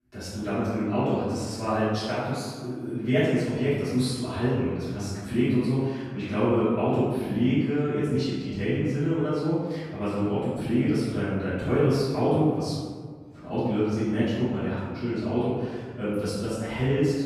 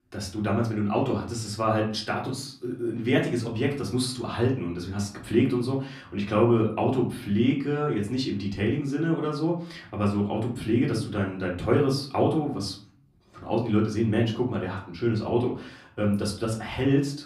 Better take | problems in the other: second | room echo; strong; dies away in 1.4 s; slight in the second // off-mic speech; far; far in the second

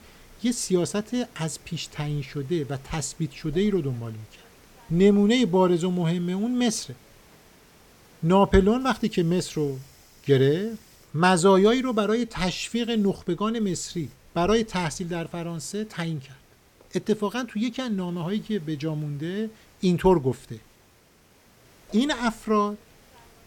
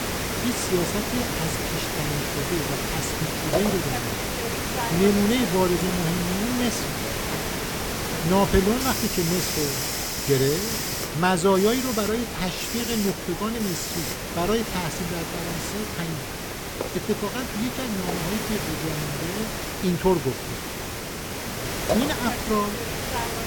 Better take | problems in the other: first | hiss; loud; throughout; 1 dB below the speech; faint in the first

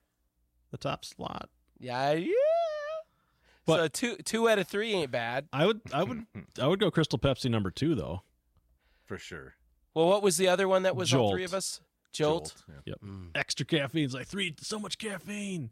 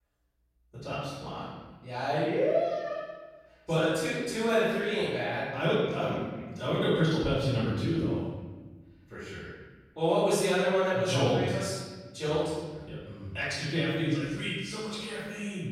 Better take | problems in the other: first | off-mic speech; far // room echo; strong; dies away in 1.2 s

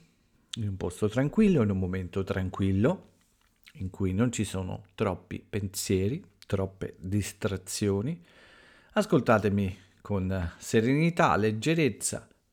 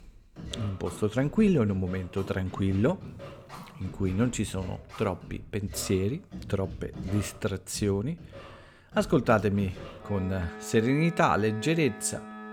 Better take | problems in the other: first | background music; noticeable; throughout; 15 dB below the speech

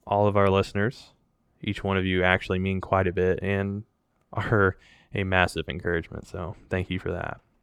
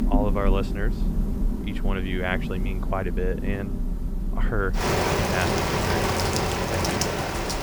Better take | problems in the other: first | rain or running water; very loud; throughout; 5 dB above the speech

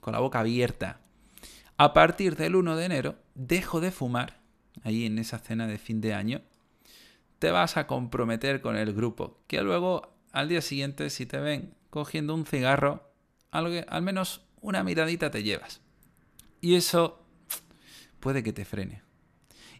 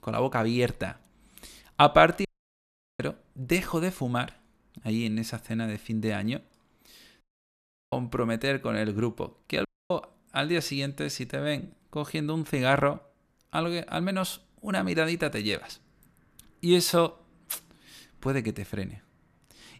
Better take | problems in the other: first | audio cutting out; at 2.5 s for 0.5 s, at 7 s for 0.5 s and at 9.5 s

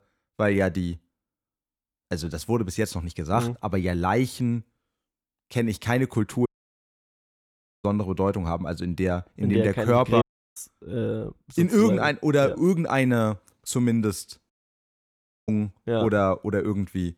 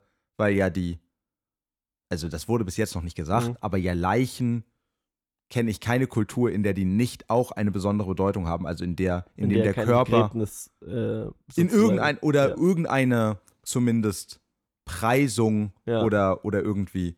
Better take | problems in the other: second | audio cutting out; at 6.5 s for 1.5 s, at 10 s and at 15 s for 1 s

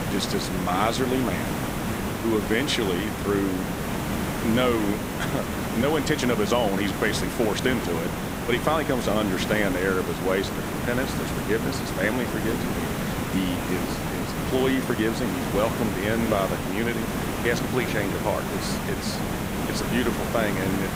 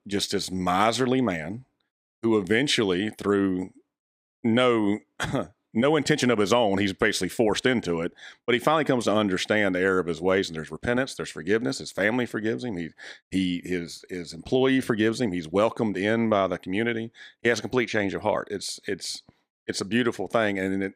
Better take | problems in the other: second | hiss; loud; throughout; 2 dB below the speech

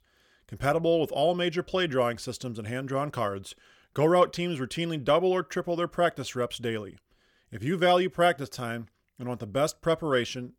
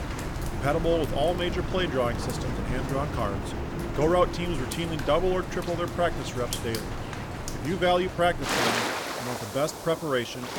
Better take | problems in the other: first | rain or running water; loud; throughout; 4 dB below the speech

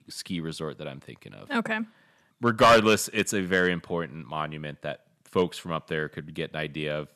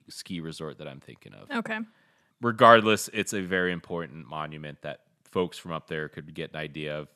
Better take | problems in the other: second | distortion; heavy; 0.9% of the sound clipped

